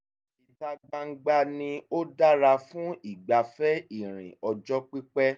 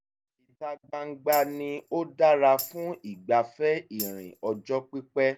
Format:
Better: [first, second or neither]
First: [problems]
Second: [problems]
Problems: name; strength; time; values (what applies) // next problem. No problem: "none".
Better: first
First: none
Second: background sound (Tambourine); 15 dB below the speech